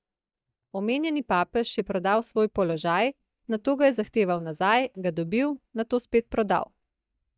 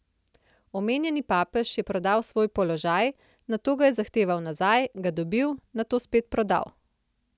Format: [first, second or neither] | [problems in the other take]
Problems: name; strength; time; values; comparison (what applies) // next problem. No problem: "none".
second | noise reduction (neural mask model DeepFilterNet 3)